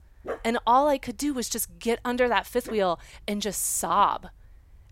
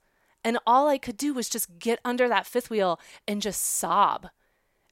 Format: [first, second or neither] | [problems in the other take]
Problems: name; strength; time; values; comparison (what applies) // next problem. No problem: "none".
second | dog barking; faint; peak 10 dB below the speech